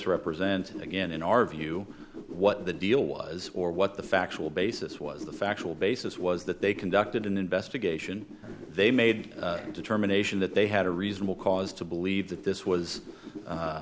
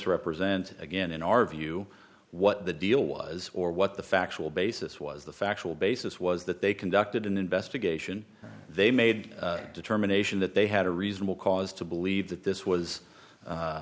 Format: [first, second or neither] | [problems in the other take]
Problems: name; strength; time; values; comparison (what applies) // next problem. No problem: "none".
second | background sound (Whoosh, swoosh, swish); 15 dB below the speech